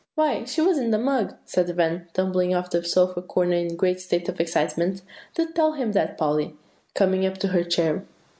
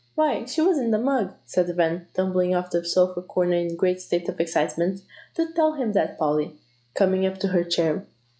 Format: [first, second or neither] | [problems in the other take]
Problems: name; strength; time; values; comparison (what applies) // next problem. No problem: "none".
first | noise reduction (classical method log-MMSE)